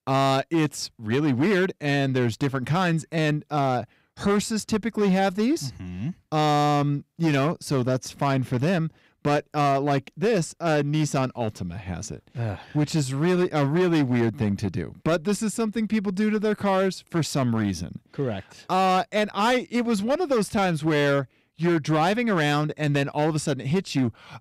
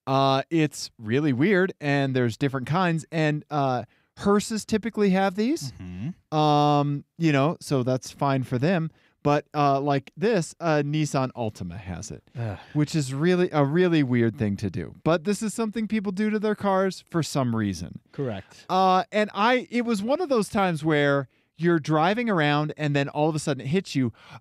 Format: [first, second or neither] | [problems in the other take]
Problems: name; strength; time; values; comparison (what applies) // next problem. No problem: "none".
second | distortion; slight; 9% of the sound clipped